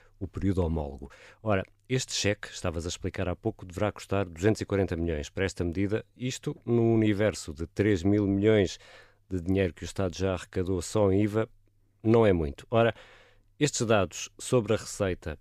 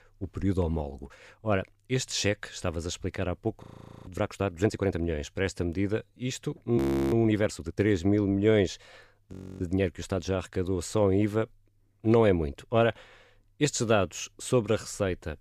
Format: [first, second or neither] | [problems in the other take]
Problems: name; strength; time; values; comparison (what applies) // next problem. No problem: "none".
first | audio freezing; at 3.5 s, at 7 s and at 9.5 s